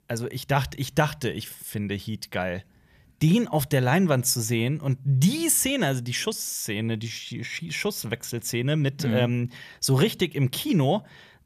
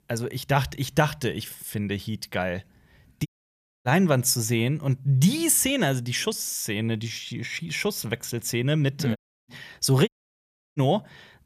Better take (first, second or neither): first